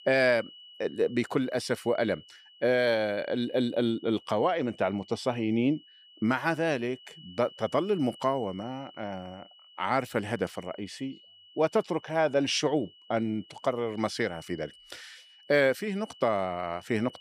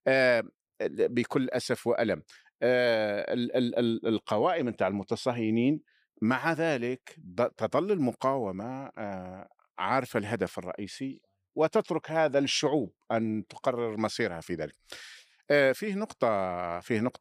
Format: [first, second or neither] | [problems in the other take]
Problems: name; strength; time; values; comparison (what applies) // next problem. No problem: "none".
second | high-pitched whine; faint; throughout; 3 kHz, 20 dB below the speech